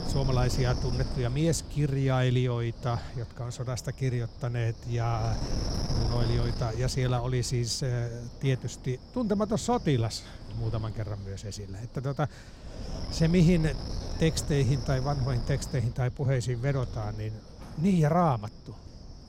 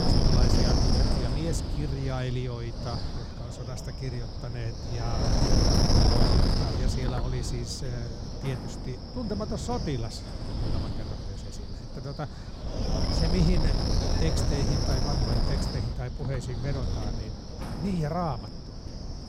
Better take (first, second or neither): first